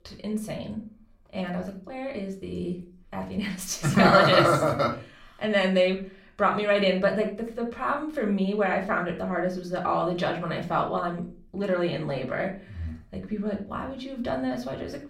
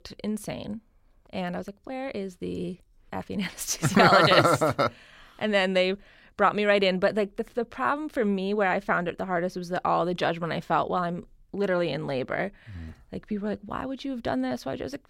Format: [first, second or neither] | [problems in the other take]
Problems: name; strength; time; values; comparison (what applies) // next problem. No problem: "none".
second | off-mic speech; somewhat distant // room echo; slight; dies away in 0.4 s